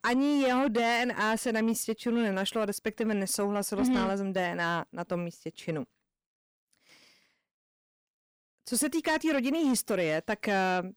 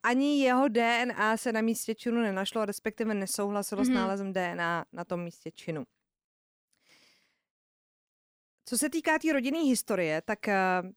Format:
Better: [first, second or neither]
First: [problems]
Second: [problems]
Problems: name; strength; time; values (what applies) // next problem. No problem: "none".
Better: second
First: distortion; slight; 10 dB below the speech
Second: none